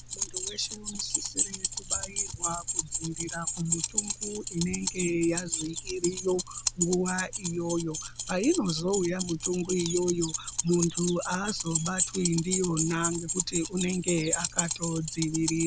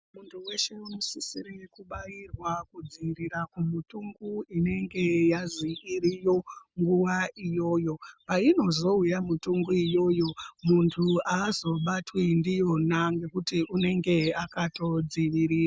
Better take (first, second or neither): second